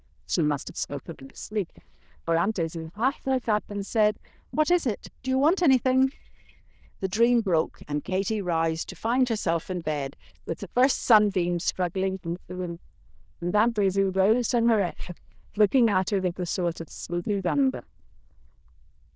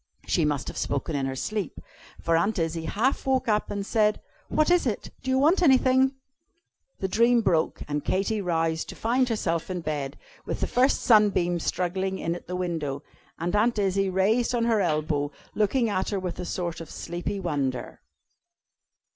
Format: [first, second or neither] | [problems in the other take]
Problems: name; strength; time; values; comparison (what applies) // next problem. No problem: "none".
second | noise reduction (neural diffusion model UNIVERSE++)